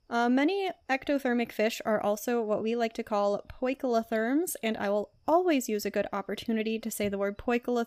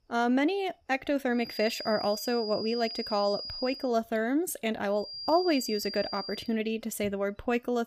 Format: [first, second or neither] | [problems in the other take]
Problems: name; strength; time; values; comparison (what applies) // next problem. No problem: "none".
first | high-pitched whine; loud; from 1.5 to 4 s and from 5 to 6.5 s; 5 kHz, 7 dB below the speech